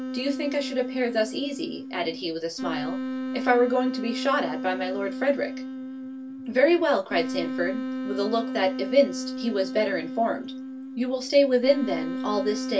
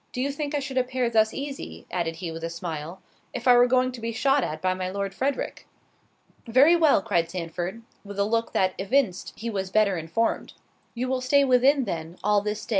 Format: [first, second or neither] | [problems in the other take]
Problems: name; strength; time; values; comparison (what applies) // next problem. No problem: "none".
second | background sound (Wind instrument, woodwind instrument); 6 dB below the speech // room echo; dies away in 0.1 s